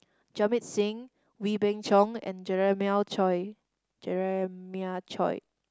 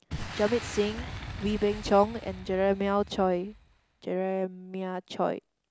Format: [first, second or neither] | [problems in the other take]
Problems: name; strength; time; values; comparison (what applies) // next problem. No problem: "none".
first | background sound (Boom); 12 dB below the speech